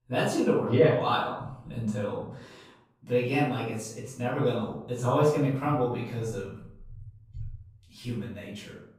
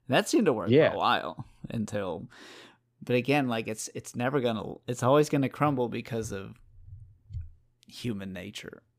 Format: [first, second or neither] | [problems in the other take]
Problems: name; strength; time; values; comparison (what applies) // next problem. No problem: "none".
second | off-mic speech; far // room echo; noticeable; dies away in 0.6 s